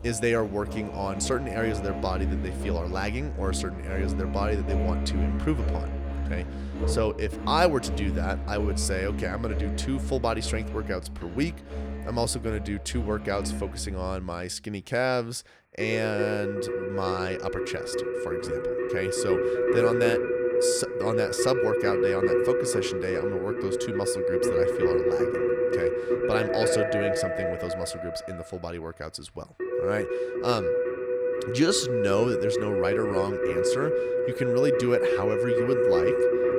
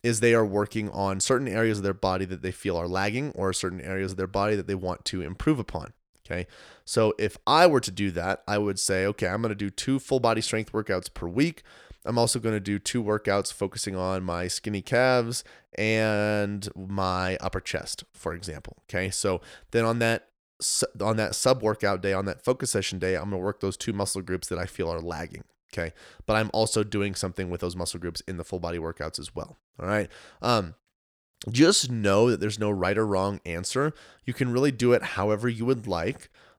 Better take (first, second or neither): second